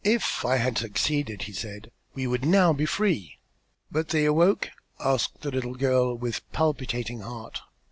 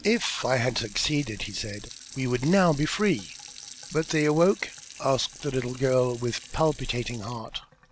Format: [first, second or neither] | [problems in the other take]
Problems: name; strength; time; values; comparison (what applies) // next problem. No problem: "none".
first | background sound (Sink (filling or washing) / Water tap, faucet); 18 dB below the speech